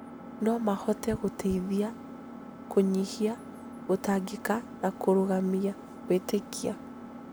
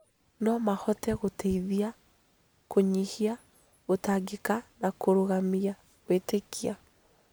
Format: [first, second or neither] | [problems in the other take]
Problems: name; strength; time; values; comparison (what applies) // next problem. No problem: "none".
second | background sound (Engine); 13 dB below the speech